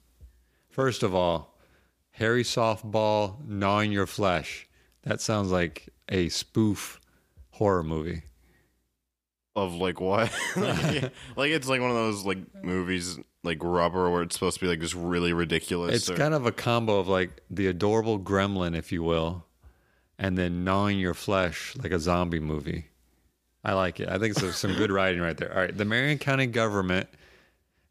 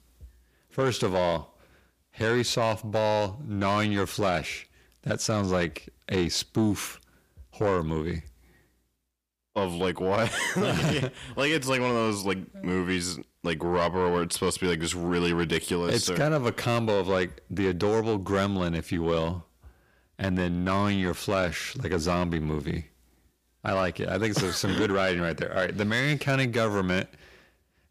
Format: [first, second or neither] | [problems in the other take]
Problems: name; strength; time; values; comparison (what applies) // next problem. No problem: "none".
first | distortion; slight; 10 dB below the speech